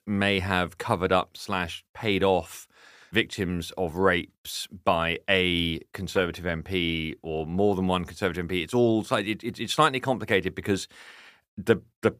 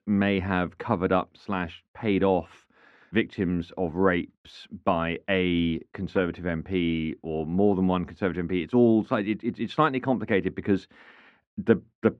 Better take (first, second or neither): first